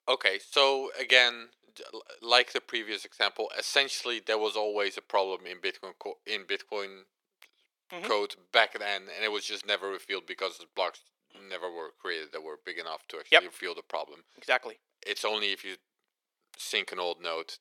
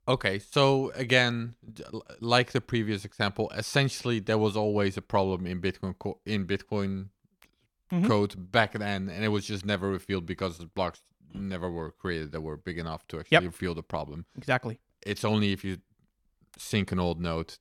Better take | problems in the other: second | thin; very; fading below 400 Hz

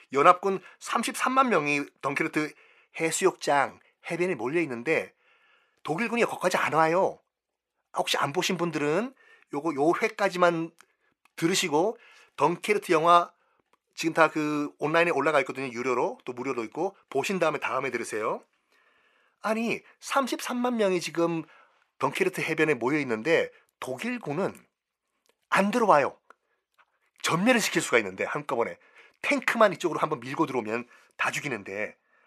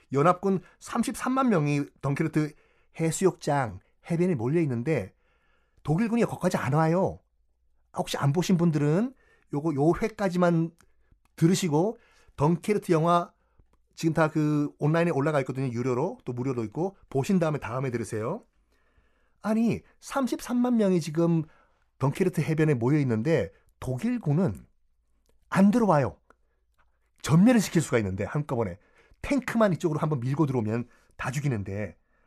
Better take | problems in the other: second | thin; somewhat; fading below 350 Hz

